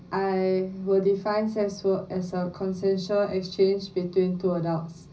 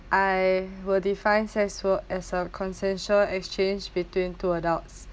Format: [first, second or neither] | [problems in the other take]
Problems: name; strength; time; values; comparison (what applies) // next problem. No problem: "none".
second | room echo; dies away in 0.5 s